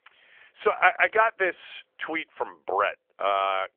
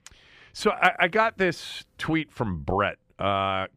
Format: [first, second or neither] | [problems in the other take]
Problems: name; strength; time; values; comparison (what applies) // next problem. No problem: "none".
second | phone-call audio; nothing above 3.5 kHz